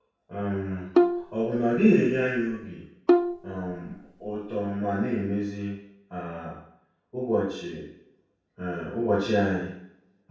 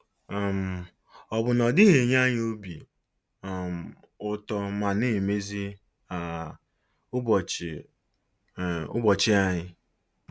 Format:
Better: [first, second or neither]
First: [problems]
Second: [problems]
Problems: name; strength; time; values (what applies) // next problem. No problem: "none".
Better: second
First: background sound (Bowed string instrument); 1 dB above the speech // room echo; dies away in 0.7 s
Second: none